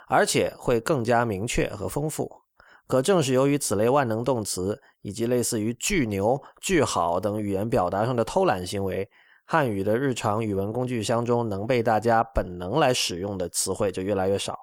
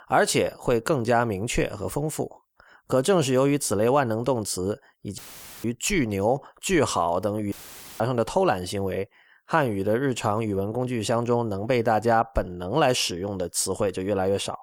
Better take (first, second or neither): first